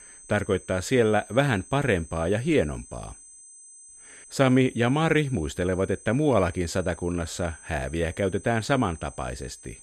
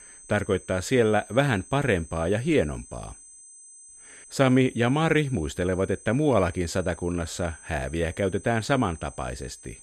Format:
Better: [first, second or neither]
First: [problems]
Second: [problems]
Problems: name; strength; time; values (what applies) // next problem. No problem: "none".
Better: neither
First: high-pitched whine; noticeable; throughout; 8 kHz, 20 dB below the speech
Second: high-pitched whine; noticeable; throughout; 8 kHz, 20 dB below the speech